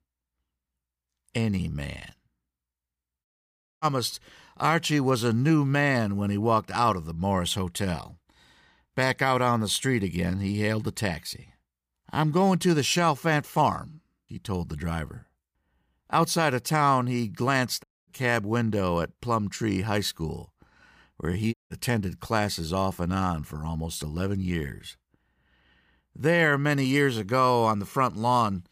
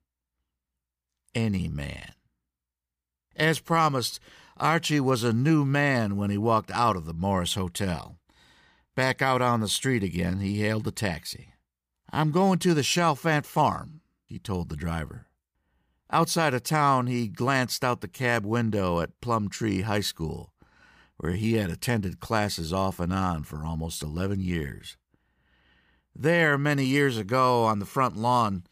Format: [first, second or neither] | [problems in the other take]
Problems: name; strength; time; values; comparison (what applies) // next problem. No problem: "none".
second | audio cutting out; at 3.5 s for 0.5 s, at 18 s and at 22 s